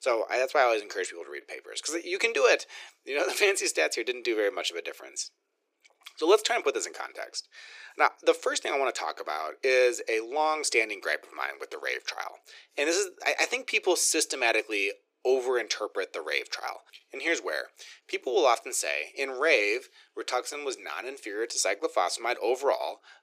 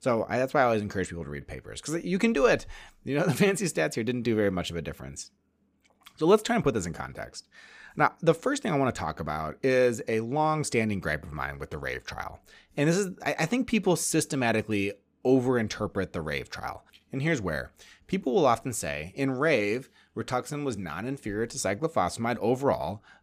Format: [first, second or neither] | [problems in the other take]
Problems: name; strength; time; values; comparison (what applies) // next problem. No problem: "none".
second | thin; very; fading below 350 Hz